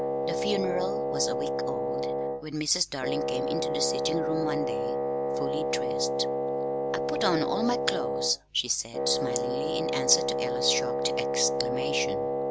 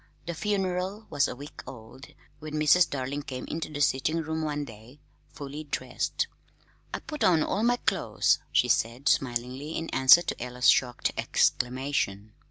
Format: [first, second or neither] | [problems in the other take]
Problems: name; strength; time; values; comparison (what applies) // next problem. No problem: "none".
second | background sound (Wind instrument, woodwind instrument); 3 dB above the speech